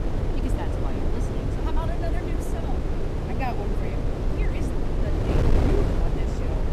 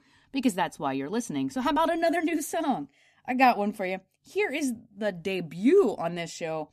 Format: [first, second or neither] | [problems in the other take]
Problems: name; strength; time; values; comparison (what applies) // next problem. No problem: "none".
second | wind noise on the microphone; heavy; 4 dB above the speech